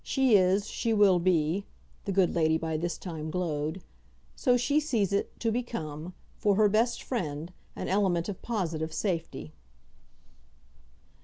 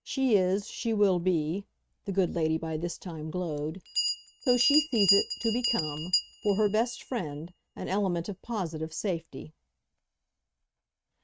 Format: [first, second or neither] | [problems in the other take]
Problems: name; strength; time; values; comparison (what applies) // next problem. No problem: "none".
first | noise reduction (neural mask model RNNoise)